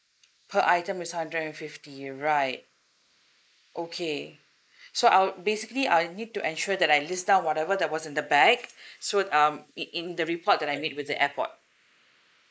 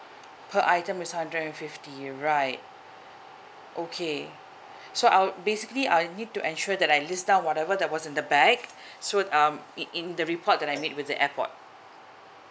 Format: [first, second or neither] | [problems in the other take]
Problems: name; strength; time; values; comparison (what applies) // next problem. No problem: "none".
second | noise reduction (neural mask model Resemble Enhance denoiser)